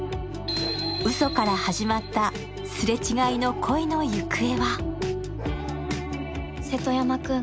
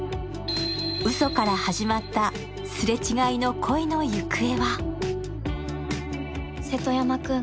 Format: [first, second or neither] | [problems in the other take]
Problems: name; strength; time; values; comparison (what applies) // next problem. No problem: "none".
second | background sound (Bark); 18 dB below the speech